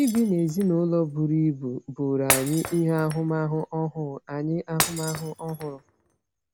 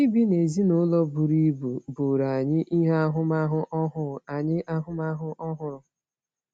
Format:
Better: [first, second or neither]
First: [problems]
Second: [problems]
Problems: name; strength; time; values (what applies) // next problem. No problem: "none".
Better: second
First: background sound (Shatter); 9 dB below the speech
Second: none